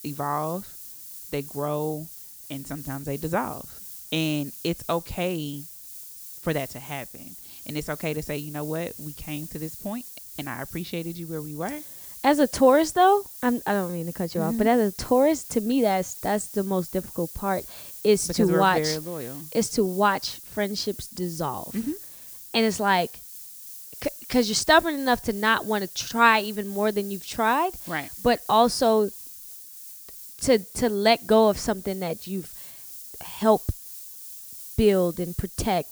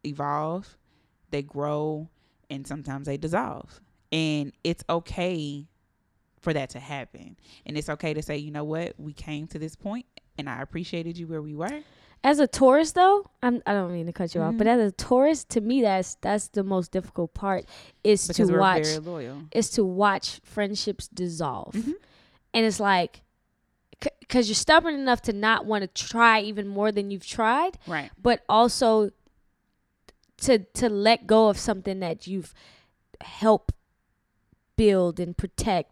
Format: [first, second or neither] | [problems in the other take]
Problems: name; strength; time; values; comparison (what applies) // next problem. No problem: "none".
second | hiss; noticeable; throughout; 15 dB below the speech